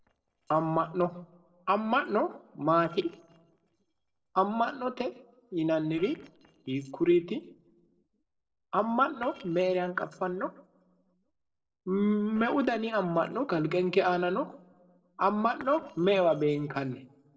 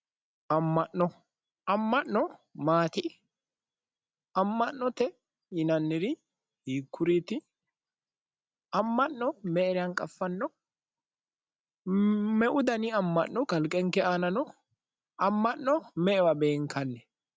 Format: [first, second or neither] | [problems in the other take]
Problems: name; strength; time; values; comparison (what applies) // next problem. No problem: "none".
second | noise reduction (neural separator model SepFormer DNS4)